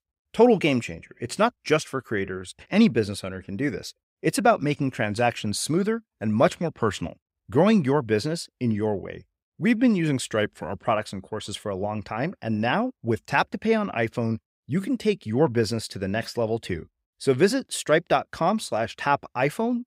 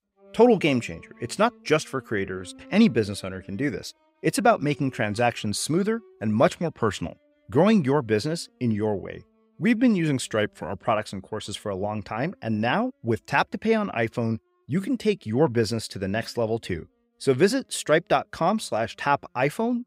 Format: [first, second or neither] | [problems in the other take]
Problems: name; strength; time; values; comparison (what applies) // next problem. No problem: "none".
first | background music; faint; throughout; 30 dB below the speech